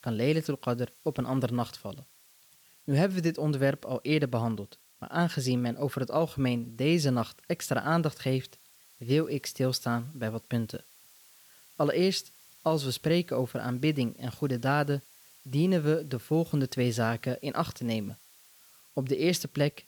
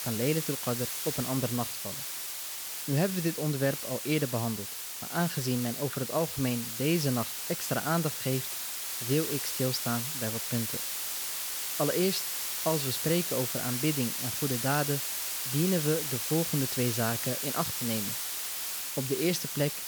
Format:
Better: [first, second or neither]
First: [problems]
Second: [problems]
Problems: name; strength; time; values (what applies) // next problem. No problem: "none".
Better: first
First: hiss; faint; throughout; 25 dB below the speech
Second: hiss; loud; throughout; 1 dB below the speech